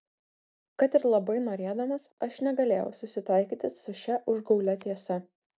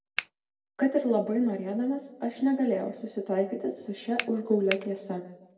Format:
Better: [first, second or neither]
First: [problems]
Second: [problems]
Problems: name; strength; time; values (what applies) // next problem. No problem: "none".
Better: first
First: none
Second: background sound (Finger snapping); 7 dB below the speech // room echo; dies away in 0.7 s